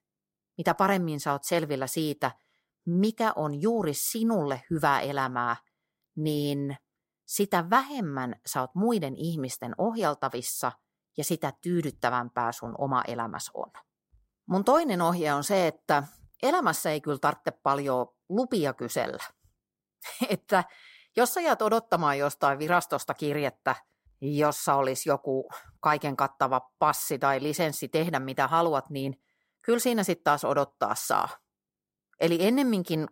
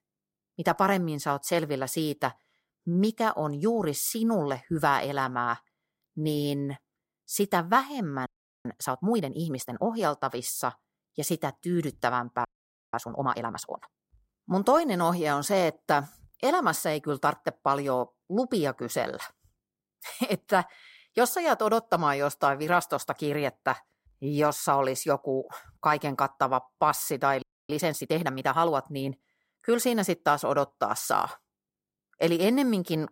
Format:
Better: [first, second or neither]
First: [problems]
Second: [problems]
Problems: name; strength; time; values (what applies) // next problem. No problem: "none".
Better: first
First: none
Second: audio freezing; at 8.5 s, at 12 s and at 27 s